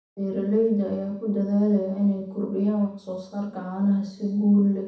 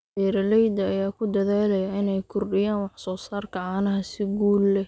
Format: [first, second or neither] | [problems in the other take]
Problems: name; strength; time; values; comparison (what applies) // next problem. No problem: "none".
second | room echo; dies away in 0.7 s